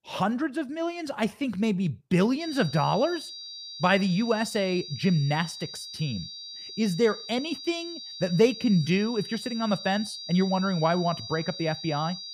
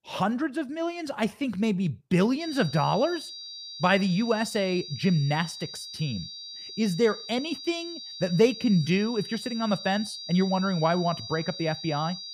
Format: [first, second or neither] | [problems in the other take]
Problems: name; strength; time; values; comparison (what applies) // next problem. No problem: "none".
neither | high-pitched whine; noticeable; from 2.5 s on; 4.5 kHz, 10 dB below the speech; the same in both